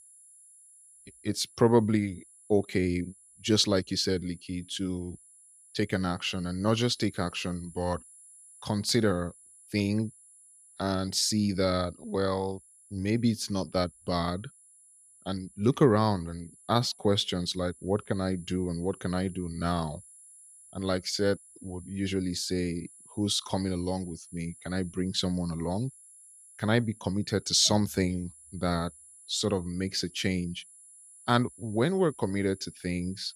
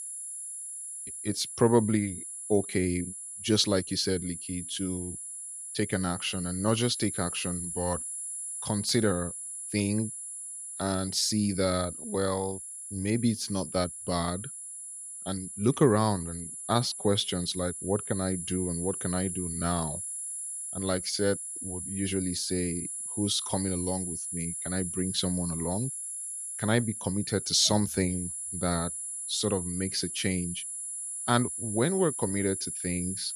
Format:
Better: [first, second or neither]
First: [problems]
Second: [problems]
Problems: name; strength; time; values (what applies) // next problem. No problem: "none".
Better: first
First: high-pitched whine; faint; throughout; 10.5 kHz, 20 dB below the speech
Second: high-pitched whine; loud; throughout; 10.5 kHz, 5 dB below the speech